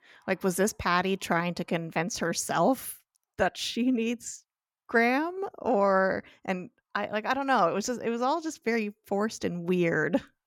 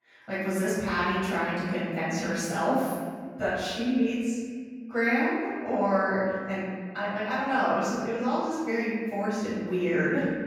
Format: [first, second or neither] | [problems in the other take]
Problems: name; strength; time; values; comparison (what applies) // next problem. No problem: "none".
first | room echo; strong; dies away in 1.8 s // off-mic speech; far